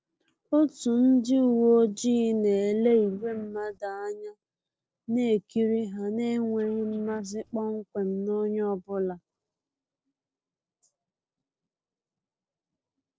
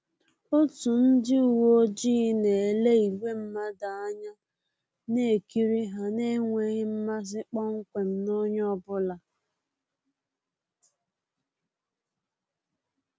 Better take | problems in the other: second | noise reduction (neural separator model SepFormer DNS4)

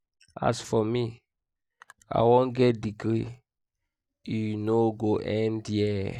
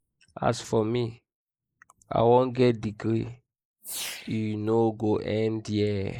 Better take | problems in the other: first | noise reduction (neural mask model Resemble Enhance denoiser)

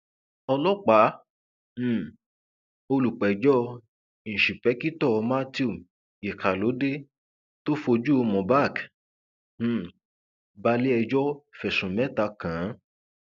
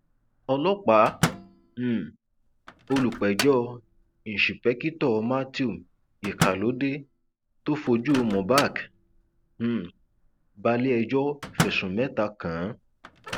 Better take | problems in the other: first | background sound (Microwave oven); 9 dB below the speech

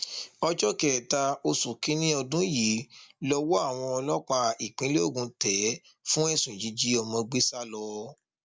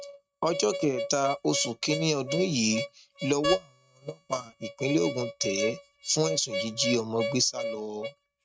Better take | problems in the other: first | noise reduction (neural mask model RNNoise)

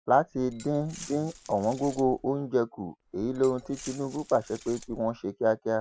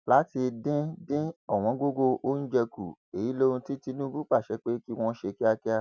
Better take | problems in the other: second | background sound (Glass); 20 dB below the speech

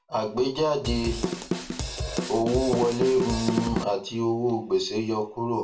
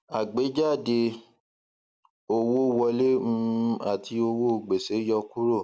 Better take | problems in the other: second | background sound (Drum / Drum kit); 3 dB below the speech // room echo; dies away in 0.3 s

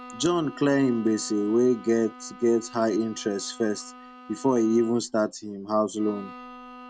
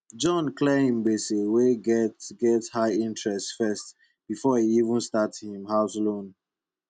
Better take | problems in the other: second | background sound (Bowed string instrument); 19 dB below the speech

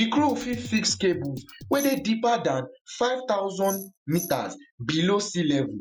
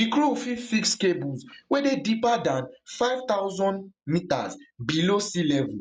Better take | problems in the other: second | noise reduction (classical method Wiener filter)

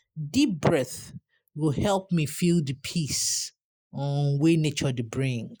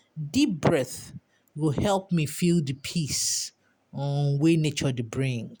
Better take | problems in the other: second | noise reduction (neural mask model Resemble Enhance denoiser)

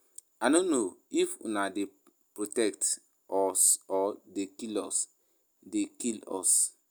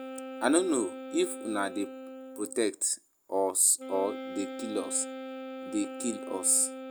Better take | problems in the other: first | background sound (Wind instrument, woodwind instrument); 10 dB below the speech

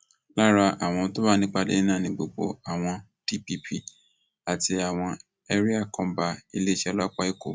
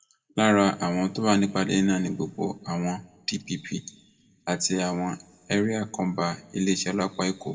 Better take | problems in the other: first | room echo; dies away in 1.4 s

